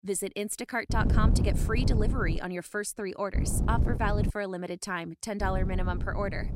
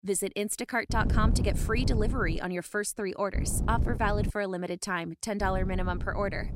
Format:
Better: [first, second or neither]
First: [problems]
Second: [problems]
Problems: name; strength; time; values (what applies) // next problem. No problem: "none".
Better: second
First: wind noise on the microphone; heavy; from 1 to 2.5 s, at 3.5 s and from 5.5 s on; 8 dB below the speech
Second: wind noise on the microphone; occasional gusts; from 1 to 2.5 s, at 3.5 s and from 5.5 s on; 10 dB below the speech